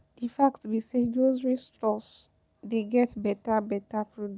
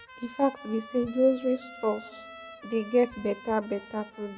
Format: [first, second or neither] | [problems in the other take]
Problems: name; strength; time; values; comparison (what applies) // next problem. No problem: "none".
first | background sound (Trumpet); 18 dB below the speech // room echo; dies away in 0.6 s